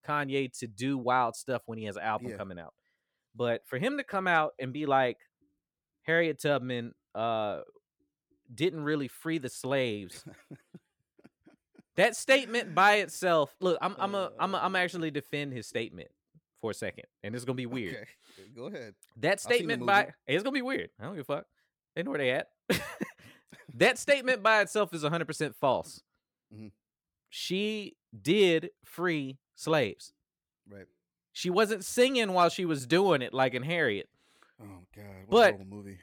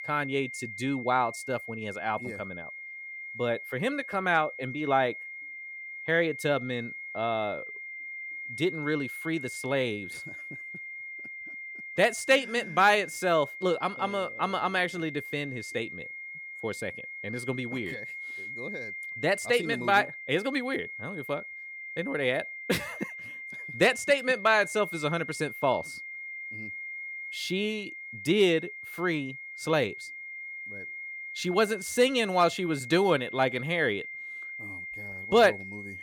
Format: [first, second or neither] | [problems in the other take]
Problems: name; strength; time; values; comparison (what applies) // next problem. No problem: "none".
first | high-pitched whine; loud; throughout; 2 kHz, 10 dB below the speech